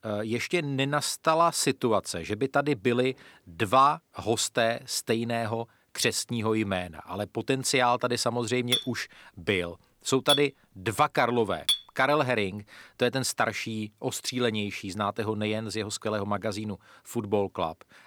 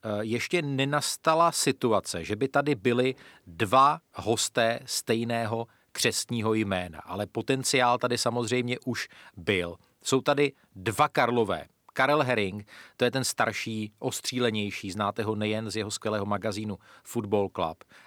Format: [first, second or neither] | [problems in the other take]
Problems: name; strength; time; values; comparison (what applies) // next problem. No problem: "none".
second | clattering dishes; loud; from 8.5 to 12 s; peak 2 dB above the speech